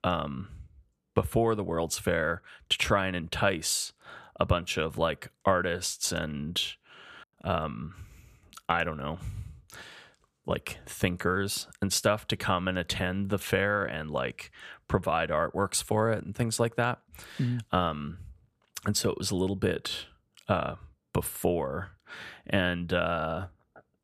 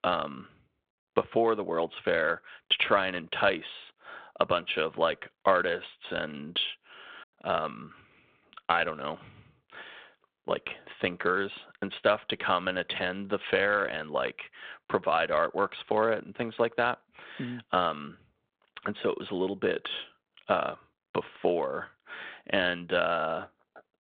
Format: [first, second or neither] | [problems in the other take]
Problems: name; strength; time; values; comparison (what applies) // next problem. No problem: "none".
first | phone-call audio